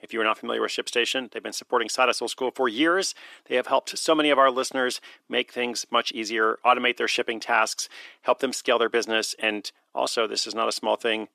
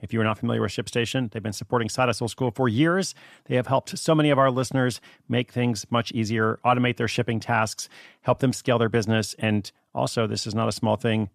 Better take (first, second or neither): second